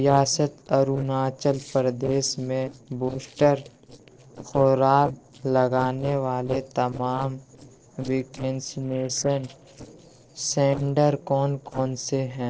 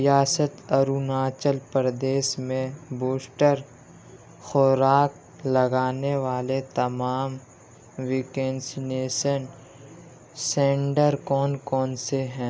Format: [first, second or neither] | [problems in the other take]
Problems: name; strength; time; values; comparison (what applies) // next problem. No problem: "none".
second | noise reduction (neural separator model SepFormer DNS4)